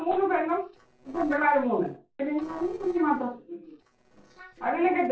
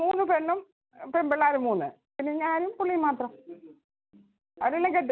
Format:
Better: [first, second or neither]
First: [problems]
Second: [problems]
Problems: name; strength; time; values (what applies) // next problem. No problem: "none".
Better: second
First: noise reduction (neural separator model SepFormer DNS4)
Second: none